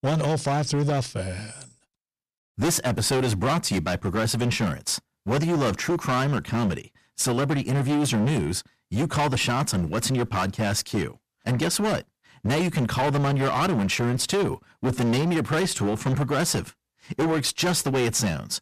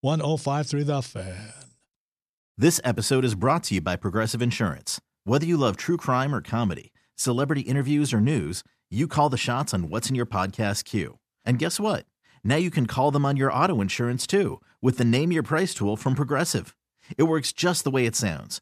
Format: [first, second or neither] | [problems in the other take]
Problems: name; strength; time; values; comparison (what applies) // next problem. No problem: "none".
second | distortion; heavy; 21% of the sound clipped